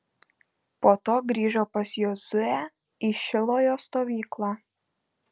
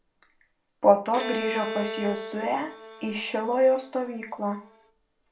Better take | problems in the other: first | background sound (Bowed string instrument); 11 dB below the speech // room echo; dies away in 0.3 s

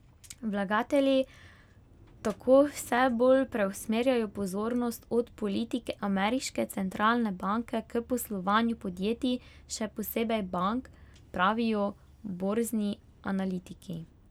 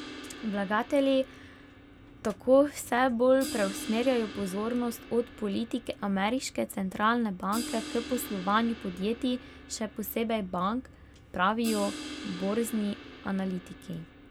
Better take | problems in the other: first | background sound (Crash cymbal); 14 dB below the speech

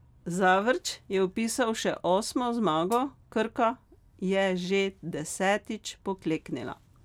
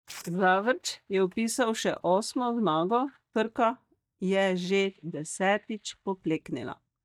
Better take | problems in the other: first | noise reduction (neural mask model DeepFilterNet 3)

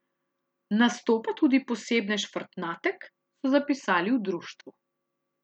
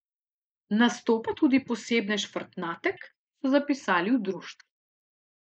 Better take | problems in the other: first | noise reduction (neural mask model Resemble Enhance denoiser)

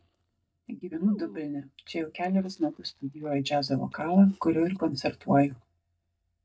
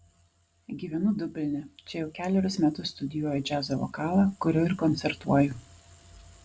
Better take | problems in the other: second | noise reduction (neural mask model DeepFilterNet 3)

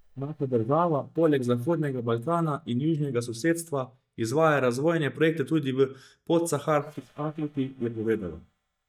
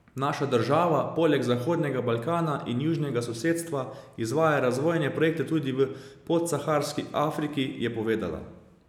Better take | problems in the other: second | noise reduction (neural mask model DeepFilterNet 3)

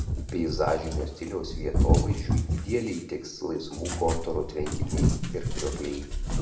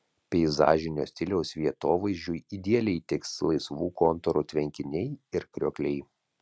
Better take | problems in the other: second | background sound (Cat); 3 dB above the speech // room echo; dies away in 0.7 s

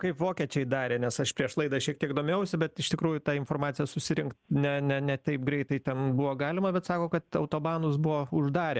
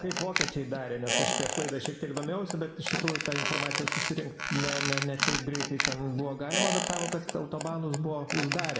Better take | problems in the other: first | background sound (Squeak); as loud as the speech // room echo; dies away in 1 s

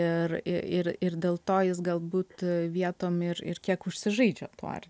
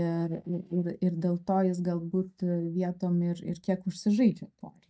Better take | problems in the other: first | noise reduction (neural mask model DeepFilterNet 3)

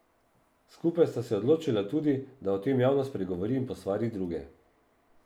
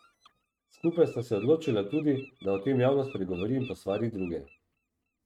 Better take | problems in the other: first | noise reduction (neural mask model RNNoise)

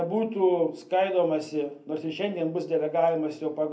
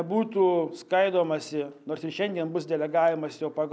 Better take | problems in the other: second | room echo; dies away in 0.3 s

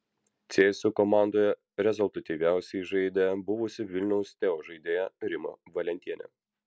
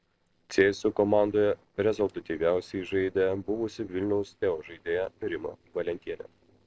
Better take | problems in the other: first | noise reduction (neural separator model SepFormer DNS4)

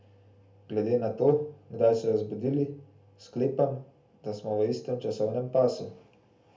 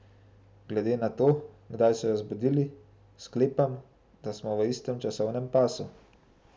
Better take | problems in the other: second | room echo; dies away in 0.3 s

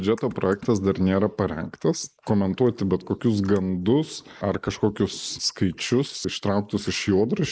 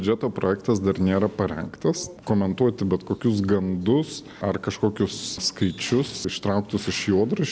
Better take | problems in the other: second | noise reduction (neural mask model Resemble Enhance denoiser)

